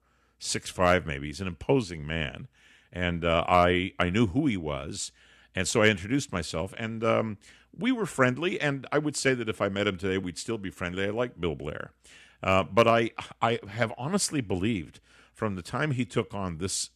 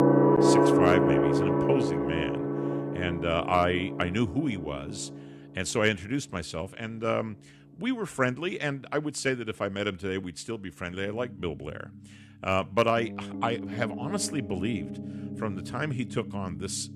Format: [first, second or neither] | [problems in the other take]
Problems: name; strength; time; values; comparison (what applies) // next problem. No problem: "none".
first | background music; very loud; throughout; 2 dB above the speech